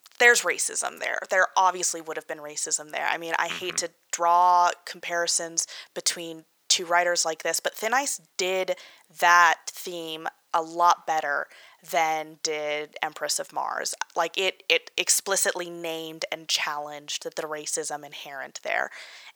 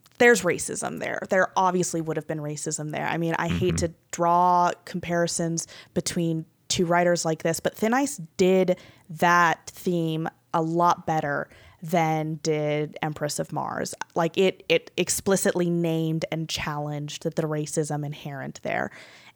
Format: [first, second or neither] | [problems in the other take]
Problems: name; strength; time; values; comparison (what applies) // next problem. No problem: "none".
second | thin; very; fading below 750 Hz